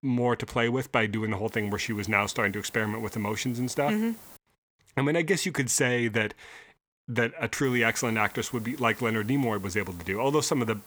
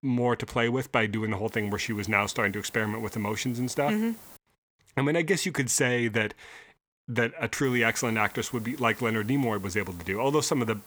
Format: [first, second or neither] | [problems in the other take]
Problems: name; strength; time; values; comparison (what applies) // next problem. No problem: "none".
neither | hiss; faint; from 1.5 to 4.5 s and from 7.5 s on; 20 dB below the speech; the same in both